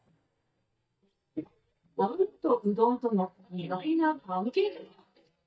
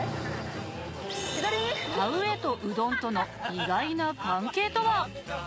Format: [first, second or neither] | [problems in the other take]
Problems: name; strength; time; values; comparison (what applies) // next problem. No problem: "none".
second | noise reduction (neural mask model DeepFilterNet 3)